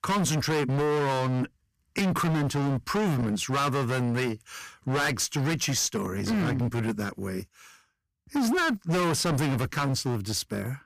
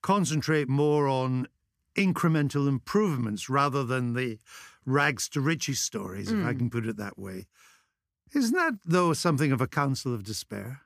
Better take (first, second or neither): second